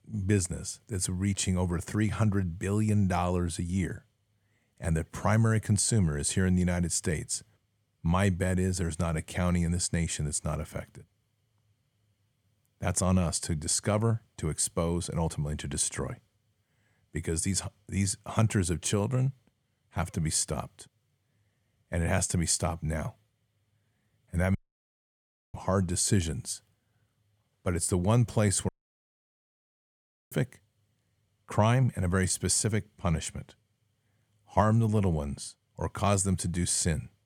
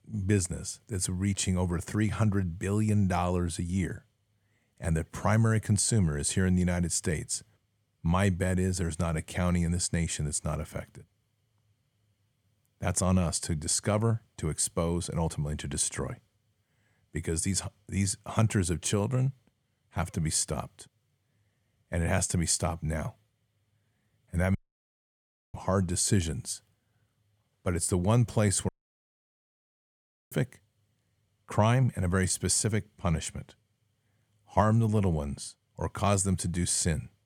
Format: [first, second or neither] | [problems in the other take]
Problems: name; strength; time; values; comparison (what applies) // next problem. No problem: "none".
neither | audio cutting out; at 25 s for 1 s and at 29 s for 1.5 s; the same in both